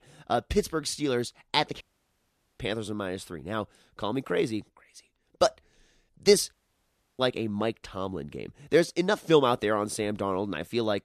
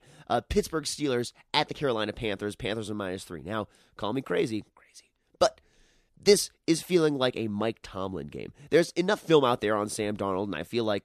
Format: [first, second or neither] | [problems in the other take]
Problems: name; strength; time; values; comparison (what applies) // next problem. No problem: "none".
second | audio cutting out; at 2 s for 1 s and at 6.5 s for 0.5 s